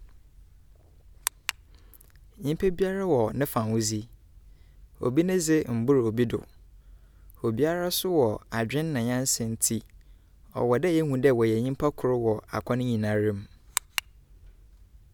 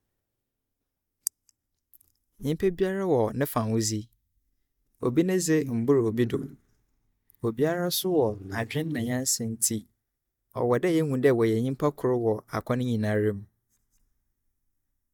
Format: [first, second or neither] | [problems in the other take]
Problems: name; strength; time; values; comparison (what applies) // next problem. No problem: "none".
first | noise reduction (neural mask model DeepFilterNet 3)